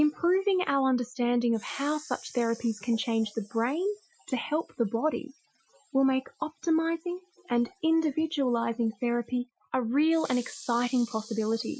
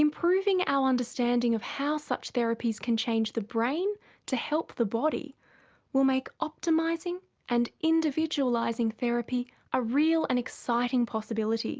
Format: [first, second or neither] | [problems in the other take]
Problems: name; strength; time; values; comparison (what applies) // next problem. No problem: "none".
second | noise reduction (classical method Wiener filter)